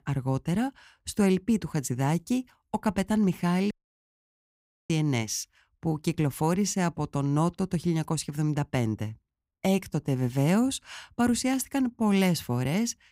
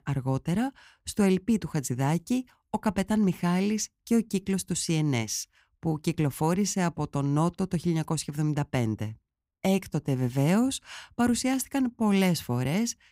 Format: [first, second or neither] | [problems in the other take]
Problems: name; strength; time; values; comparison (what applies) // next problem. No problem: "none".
second | audio cutting out; at 3.5 s for 1 s